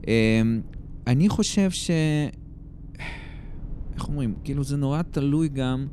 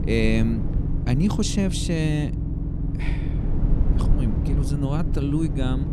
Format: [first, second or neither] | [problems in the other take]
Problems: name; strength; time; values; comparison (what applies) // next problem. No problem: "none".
first | low rumble; loud; throughout; 7 dB below the speech; faint in the first